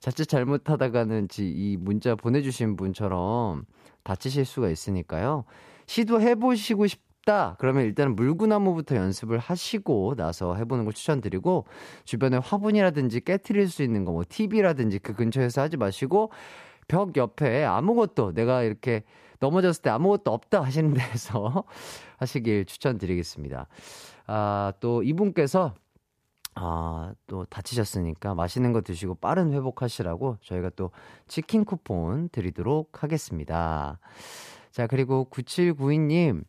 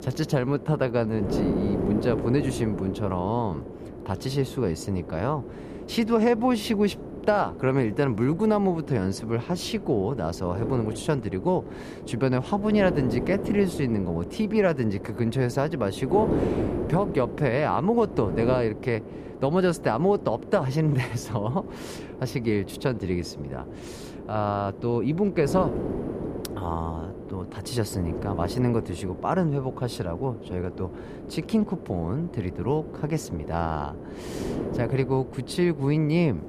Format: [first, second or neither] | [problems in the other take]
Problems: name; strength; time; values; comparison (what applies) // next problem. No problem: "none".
first | wind noise on the microphone; heavy; 9 dB below the speech